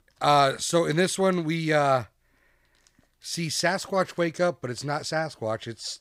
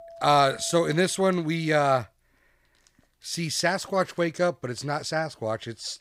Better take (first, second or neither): first